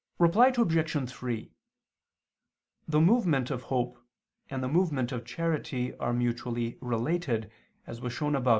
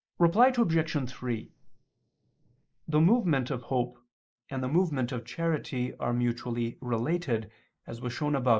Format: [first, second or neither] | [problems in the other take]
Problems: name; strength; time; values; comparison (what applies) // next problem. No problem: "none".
first | noise reduction (neural mask model Resemble Enhance denoiser)